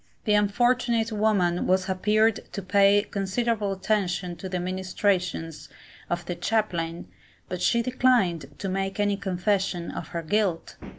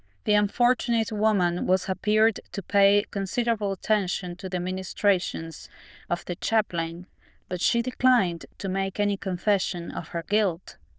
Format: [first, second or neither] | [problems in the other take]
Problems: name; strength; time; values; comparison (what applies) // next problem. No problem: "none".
first | noise reduction (neural diffusion model UNIVERSE++)